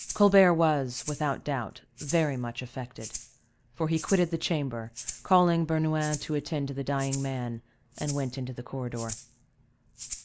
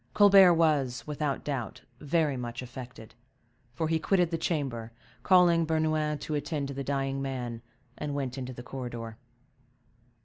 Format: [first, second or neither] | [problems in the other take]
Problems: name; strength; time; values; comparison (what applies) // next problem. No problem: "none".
second | background sound (Rattle (instrument)); 16 dB below the speech